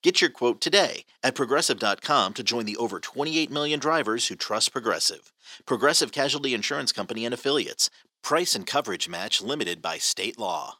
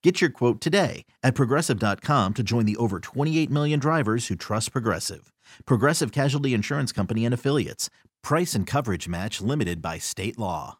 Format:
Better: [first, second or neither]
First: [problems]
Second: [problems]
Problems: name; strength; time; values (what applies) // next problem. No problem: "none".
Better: second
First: thin; somewhat; fading below 400 Hz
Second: none